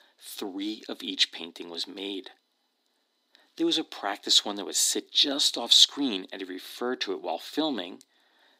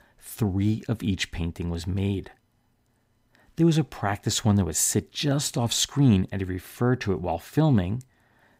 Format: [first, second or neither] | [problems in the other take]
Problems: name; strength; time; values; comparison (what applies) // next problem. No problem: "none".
second | thin; somewhat; fading below 300 Hz